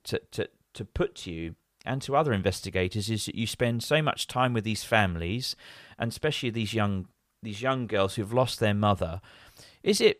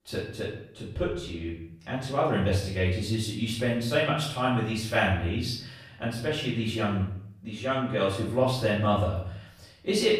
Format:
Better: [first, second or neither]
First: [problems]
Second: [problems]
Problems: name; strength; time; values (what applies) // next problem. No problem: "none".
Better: first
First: none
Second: off-mic speech; far // room echo; noticeable; dies away in 0.6 s